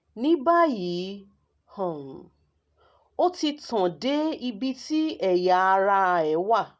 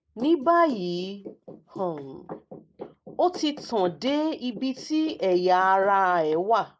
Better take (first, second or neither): first